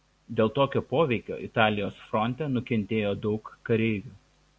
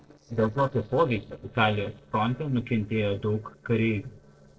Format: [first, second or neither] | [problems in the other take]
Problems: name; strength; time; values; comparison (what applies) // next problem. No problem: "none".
first | noise reduction (neural separator model SepFormer DNS4)